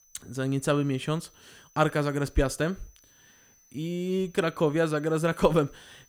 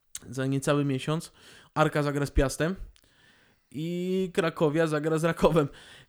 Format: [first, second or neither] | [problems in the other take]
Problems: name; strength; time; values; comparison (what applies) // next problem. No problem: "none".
second | high-pitched whine; faint; throughout; 6 kHz, 30 dB below the speech